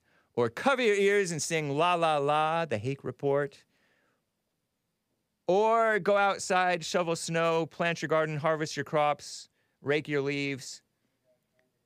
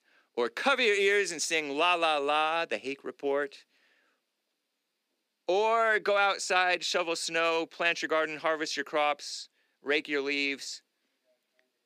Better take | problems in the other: first | thin; very slightly; fading below 300 Hz

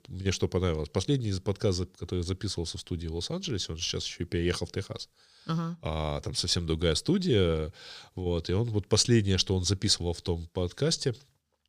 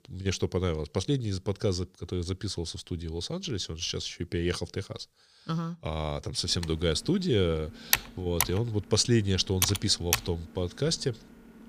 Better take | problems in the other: first | keyboard typing; loud; from 6.5 to 10 s; peak 3 dB above the speech

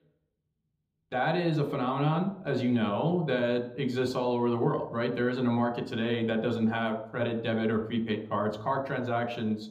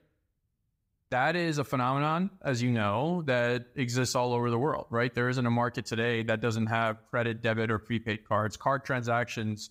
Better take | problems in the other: second | room echo; slight; dies away in 0.8 s

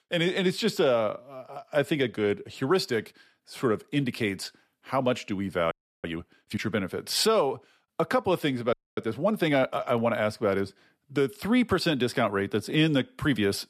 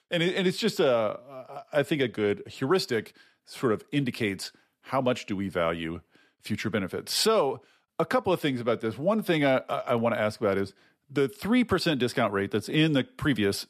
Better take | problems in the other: second | audio freezing; at 5.5 s and at 8.5 s

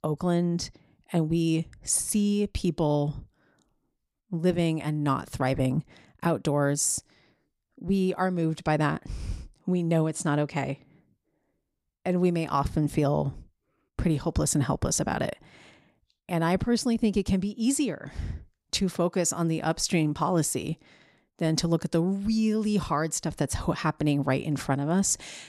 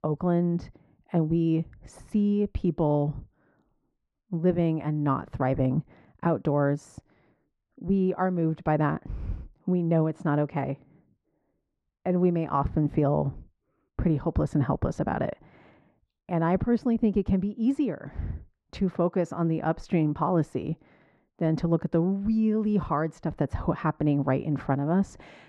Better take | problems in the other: first | muffled; very; fading above 3.5 kHz

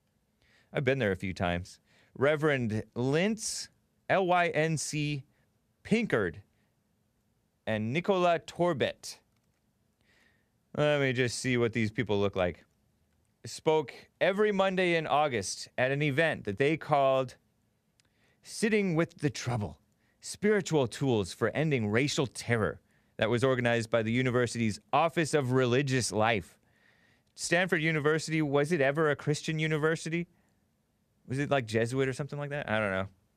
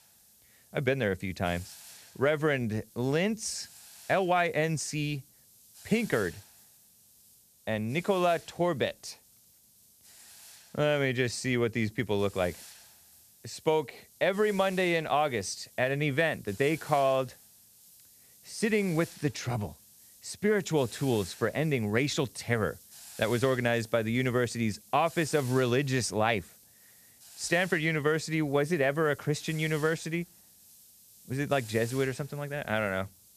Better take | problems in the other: first | hiss; faint; throughout; 20 dB below the speech

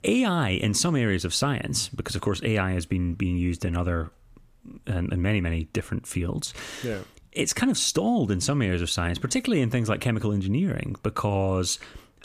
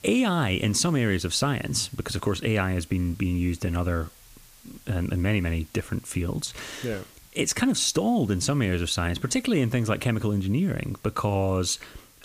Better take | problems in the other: first | hiss; faint; throughout; 25 dB below the speech

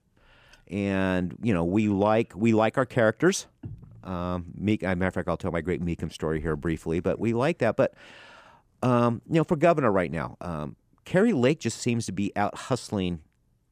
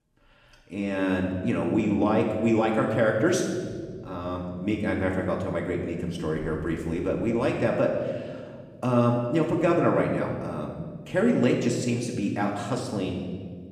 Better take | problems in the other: first | room echo; noticeable; dies away in 1.4 s // off-mic speech; far

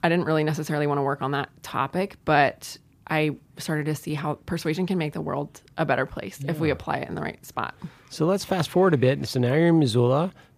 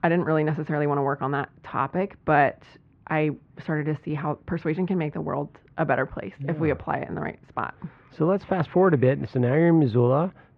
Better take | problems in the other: first | muffled; very; fading above 2 kHz

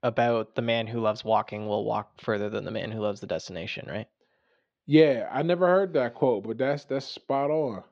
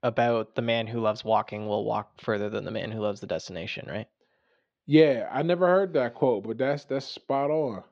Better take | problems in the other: neither | muffled; slightly; fading above 4 kHz; the same in both

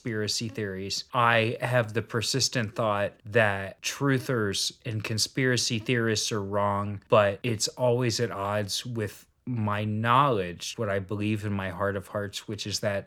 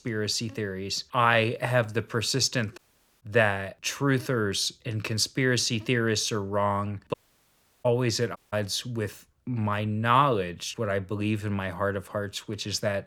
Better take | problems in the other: first | audio cutting out; at 3 s, at 7 s for 0.5 s and at 8.5 s

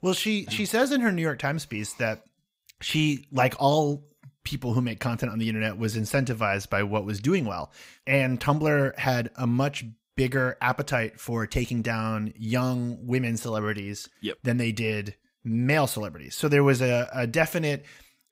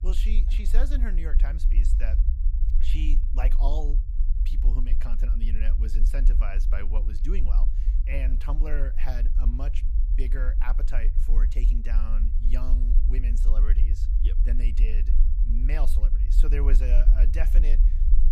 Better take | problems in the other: first | low rumble; loud; throughout; 8 dB below the speech

